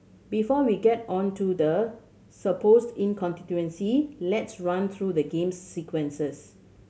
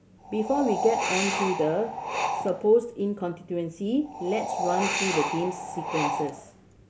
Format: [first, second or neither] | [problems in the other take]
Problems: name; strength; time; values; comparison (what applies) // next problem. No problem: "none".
first | background sound (Wind); 3 dB below the speech